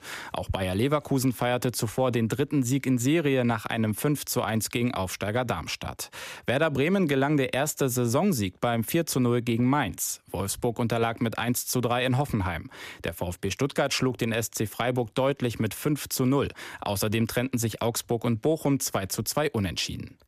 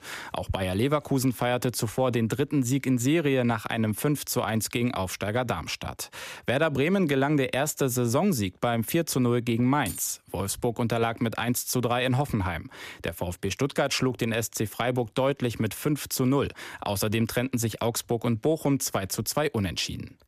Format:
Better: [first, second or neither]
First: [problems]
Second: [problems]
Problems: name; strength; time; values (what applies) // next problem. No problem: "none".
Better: first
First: none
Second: jangling keys; faint; at 10 s; peak 10 dB below the speech